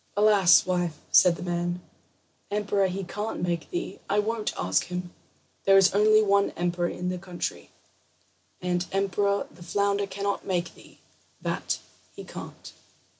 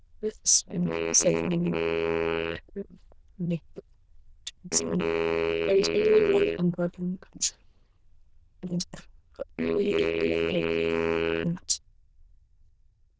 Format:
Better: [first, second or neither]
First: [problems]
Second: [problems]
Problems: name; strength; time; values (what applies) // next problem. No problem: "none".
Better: first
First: none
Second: noise reduction (neural diffusion model UNIVERSE++)